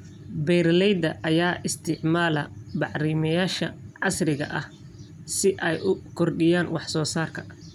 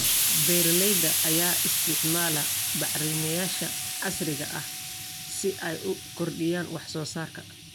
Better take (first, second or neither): first